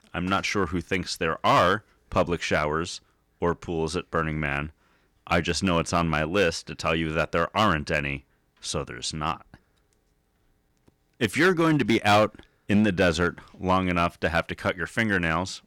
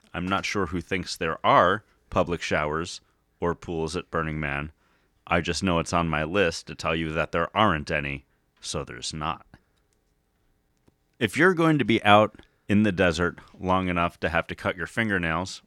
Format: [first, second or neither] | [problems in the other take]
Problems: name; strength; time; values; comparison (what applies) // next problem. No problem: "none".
second | distortion; slight; 2% of the sound clipped